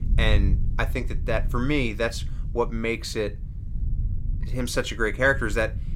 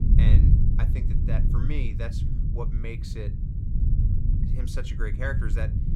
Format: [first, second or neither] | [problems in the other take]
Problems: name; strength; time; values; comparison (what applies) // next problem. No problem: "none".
first | low rumble; loud; throughout; 2 dB below the speech; faint in the first